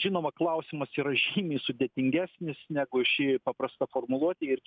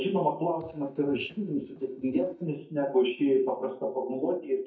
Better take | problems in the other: first | noise reduction (neural mask model DeepFilterNet 3)

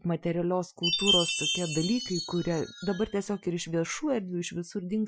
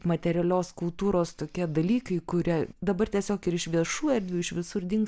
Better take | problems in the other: second | noise reduction (classical method Wiener filter)

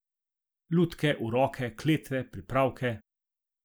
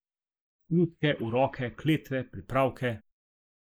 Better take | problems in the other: first | noise reduction (neural mask model Resemble Enhance denoiser)

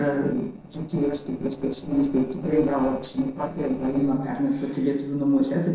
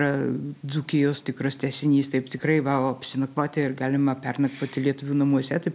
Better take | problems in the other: second | noise reduction (neural separator model SepFormer DNS4)

